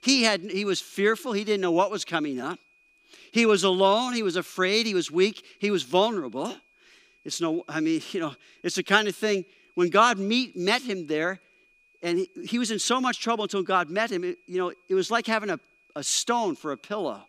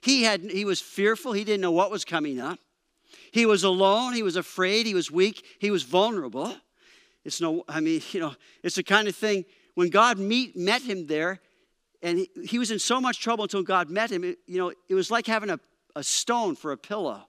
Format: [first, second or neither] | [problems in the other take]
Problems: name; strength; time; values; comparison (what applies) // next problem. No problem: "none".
second | high-pitched whine; faint; throughout; 2.5 kHz, 35 dB below the speech